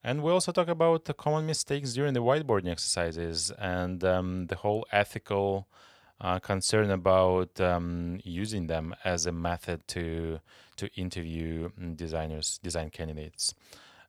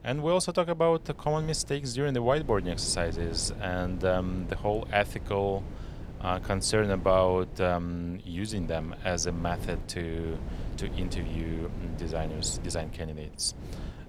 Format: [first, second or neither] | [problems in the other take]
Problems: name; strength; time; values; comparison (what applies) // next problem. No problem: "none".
first | wind noise on the microphone; occasional gusts; 20 dB below the speech